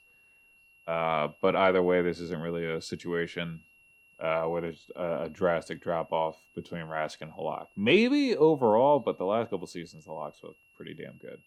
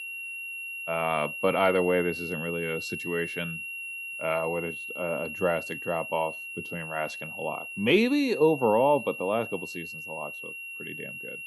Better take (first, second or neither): first